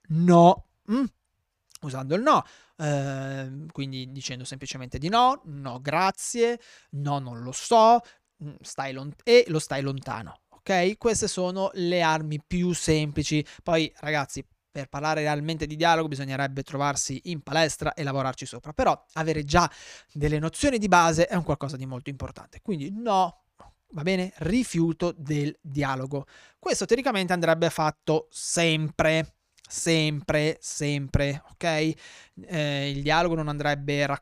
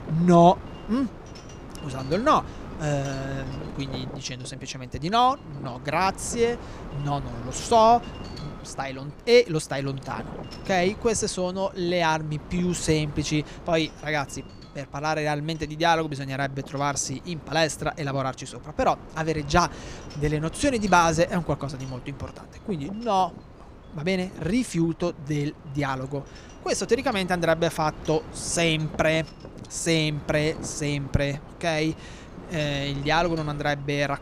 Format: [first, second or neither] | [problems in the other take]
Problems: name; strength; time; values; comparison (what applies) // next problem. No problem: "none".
first | wind noise on the microphone; occasional gusts; 20 dB below the speech